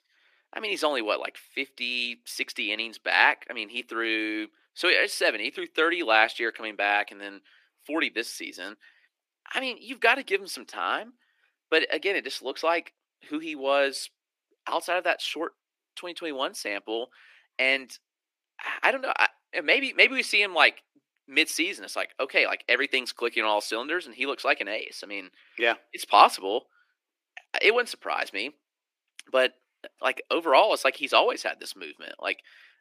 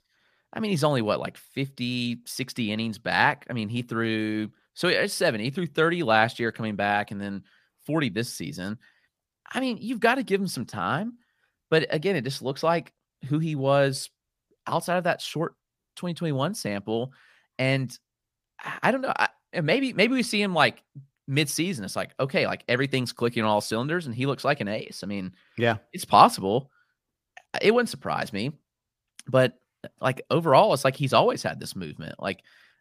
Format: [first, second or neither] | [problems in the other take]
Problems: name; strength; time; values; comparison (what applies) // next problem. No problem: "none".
second | thin; somewhat; fading below 300 Hz